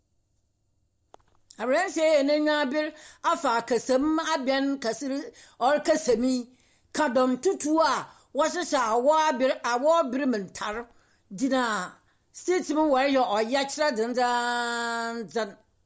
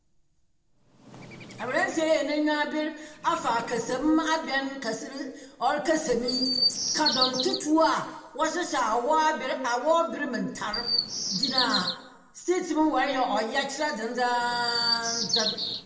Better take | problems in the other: first | background sound (Chirp, tweet); 6 dB below the speech // room echo; dies away in 0.9 s

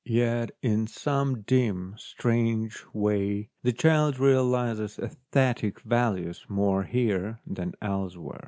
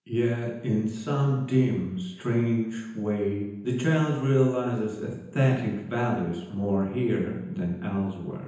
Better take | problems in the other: first | room echo; dies away in 0.9 s

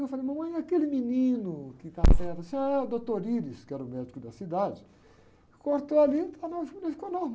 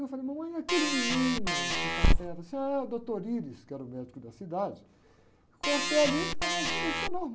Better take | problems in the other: first | background sound (Organ); as loud as the speech

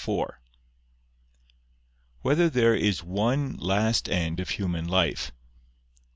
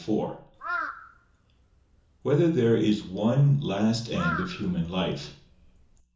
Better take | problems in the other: first | background sound (Crow); 11 dB below the speech // room echo; dies away in 0.7 s

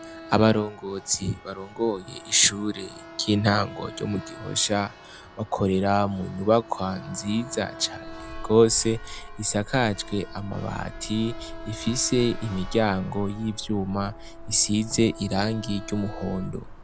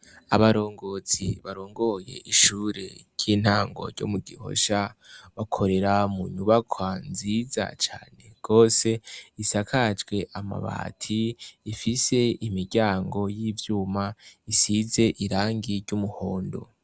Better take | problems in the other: second | background sound (Wind instrument, woodwind instrument + Church bell); 14 dB below the speech

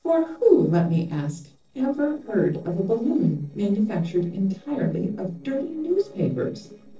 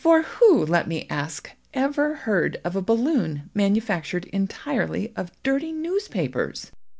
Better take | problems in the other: second | noise reduction (neural separator model SepFormer DNS4)

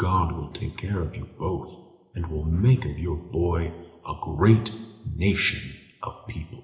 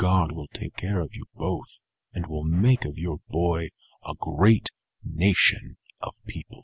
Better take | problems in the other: second | room echo; dies away in 0.8 s

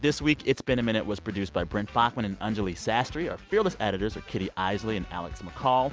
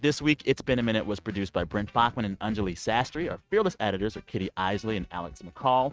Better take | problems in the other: first | noise reduction (neural mask model RNNoise)

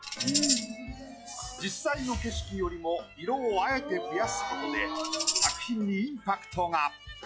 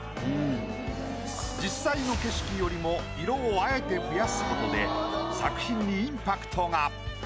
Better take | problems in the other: second | noise reduction (classical method log-MMSE)

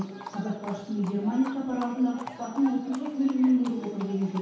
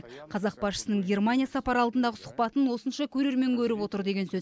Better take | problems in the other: second | background sound (Livestock, farm animals, working animals); 15 dB below the speech // room echo; dies away in 0.8 s

